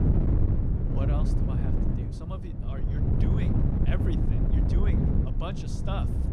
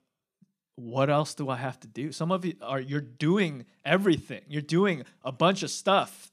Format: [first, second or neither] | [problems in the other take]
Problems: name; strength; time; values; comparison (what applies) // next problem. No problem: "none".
second | wind noise on the microphone; heavy; 3 dB above the speech